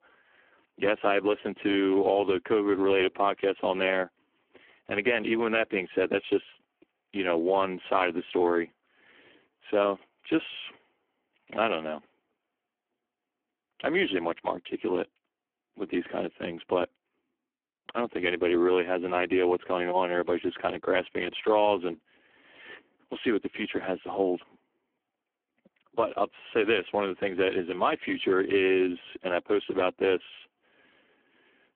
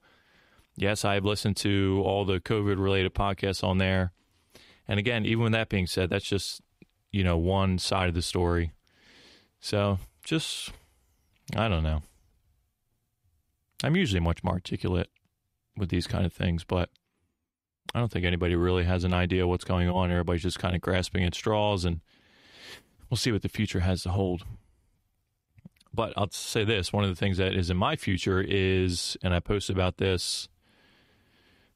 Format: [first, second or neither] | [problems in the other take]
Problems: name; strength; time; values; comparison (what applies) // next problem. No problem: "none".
second | phone-call audio; poor line